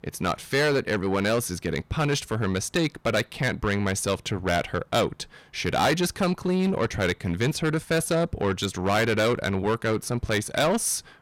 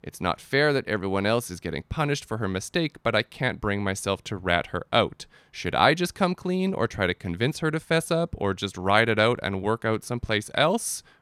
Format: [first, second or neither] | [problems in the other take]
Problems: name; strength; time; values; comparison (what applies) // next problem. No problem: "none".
second | distortion; heavy; 7 dB below the speech